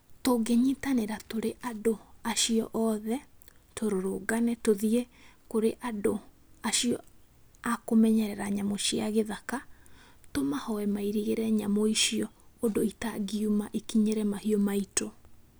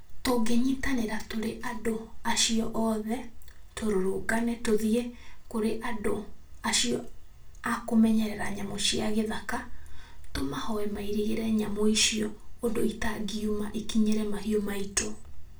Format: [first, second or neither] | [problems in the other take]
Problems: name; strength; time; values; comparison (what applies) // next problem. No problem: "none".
first | room echo; dies away in 0.3 s